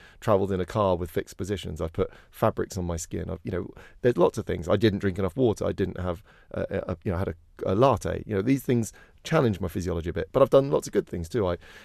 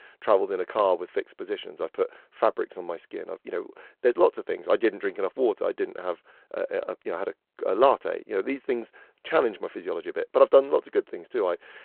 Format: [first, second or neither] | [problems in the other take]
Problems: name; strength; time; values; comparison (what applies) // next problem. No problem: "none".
first | phone-call audio